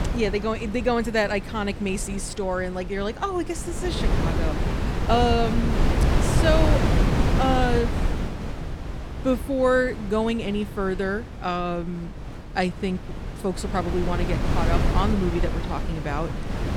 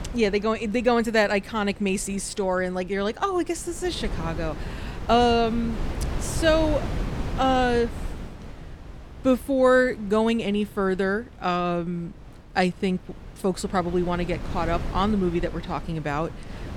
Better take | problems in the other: second | wind noise on the microphone; heavy; 6 dB below the speech; occasional gusts in the second

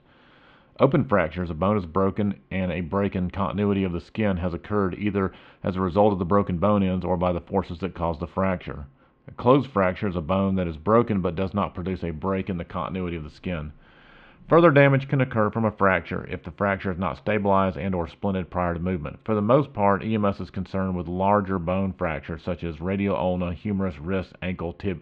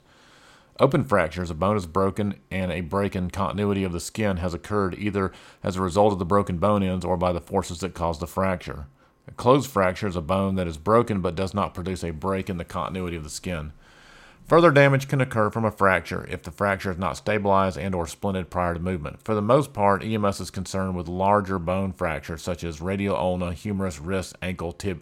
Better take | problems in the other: second | muffled; very; fading above 3 kHz

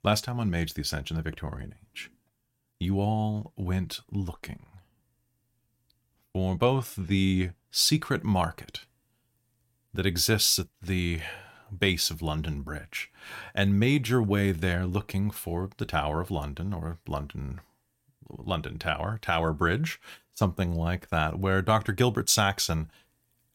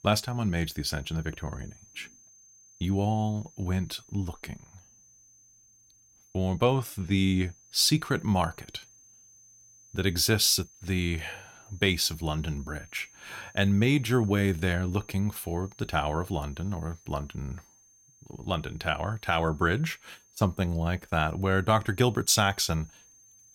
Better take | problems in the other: first | high-pitched whine; faint; throughout; 6.5 kHz, 25 dB below the speech

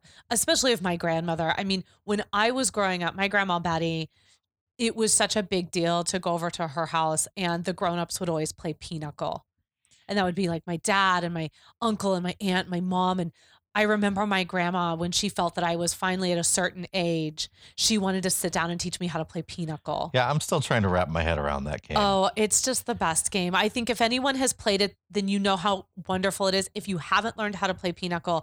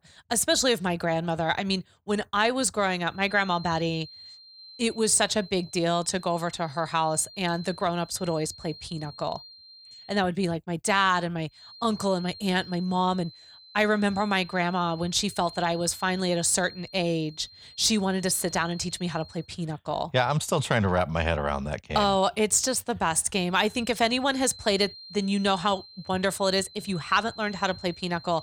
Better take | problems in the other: first | high-pitched whine; noticeable; from 3 to 10 s, from 12 to 19 s and from 24 s on; 4 kHz, 20 dB below the speech

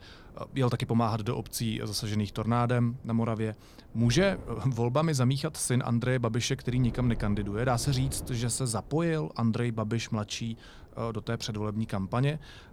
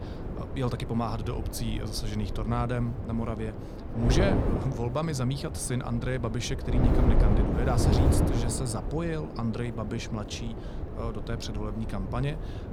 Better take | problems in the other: first | wind noise on the microphone; heavy; 2 dB below the speech; occasional gusts in the first

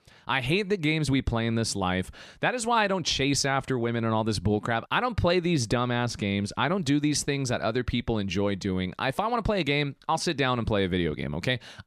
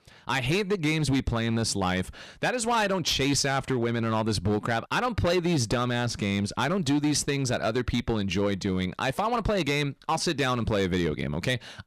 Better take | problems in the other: first | distortion; slight; 9% of the sound clipped

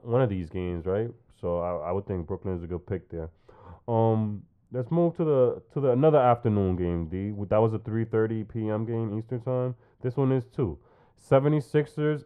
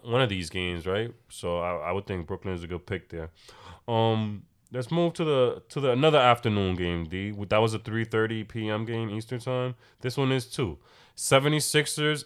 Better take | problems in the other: second | muffled; very; fading above 2 kHz

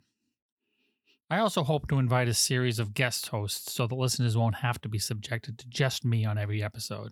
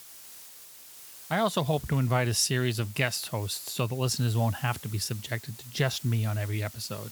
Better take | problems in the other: first | hiss; noticeable; throughout; 15 dB below the speech

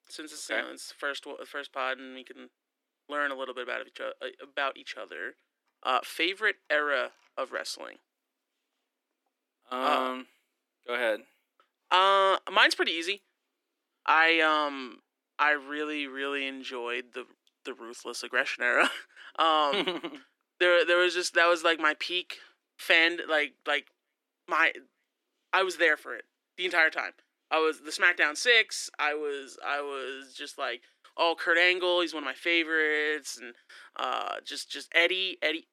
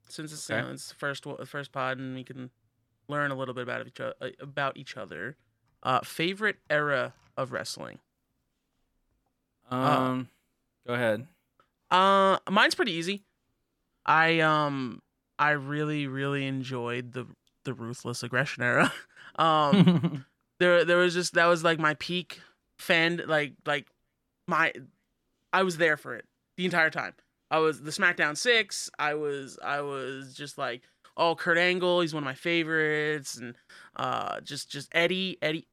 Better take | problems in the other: second | thin; somewhat; fading below 300 Hz

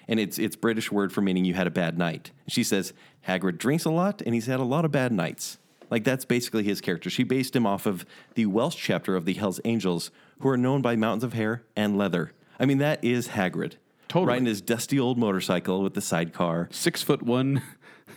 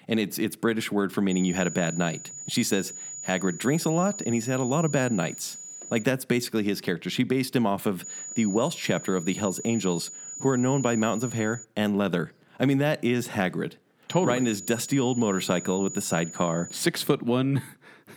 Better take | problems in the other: first | high-pitched whine; noticeable; from 1.5 to 6 s, from 8 to 12 s and from 14 to 17 s; 7 kHz, 10 dB below the speech

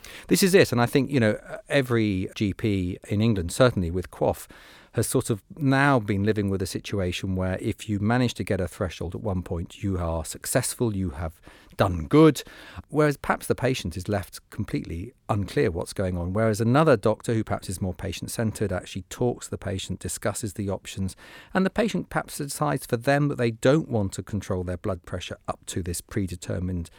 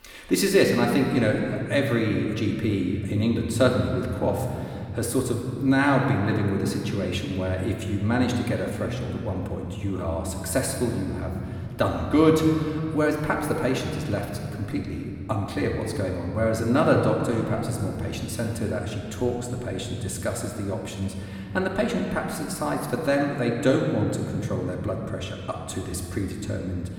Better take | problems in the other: first | room echo; noticeable; dies away in 2.7 s // off-mic speech; somewhat distant

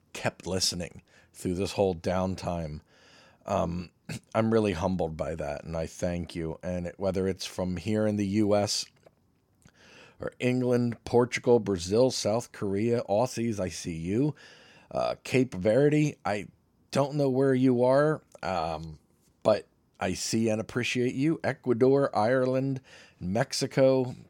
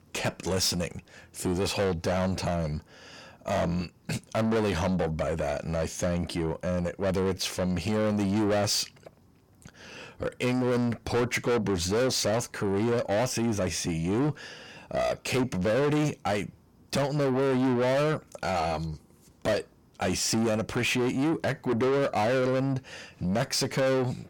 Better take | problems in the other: first | distortion; heavy; 6 dB below the speech

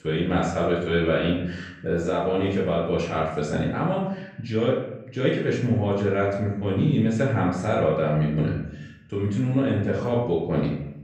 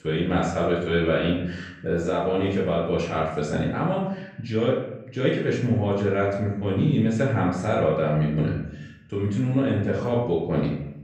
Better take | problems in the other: neither | off-mic speech; far; the same in both // room echo; noticeable; dies away in 0.7 s; the same in both

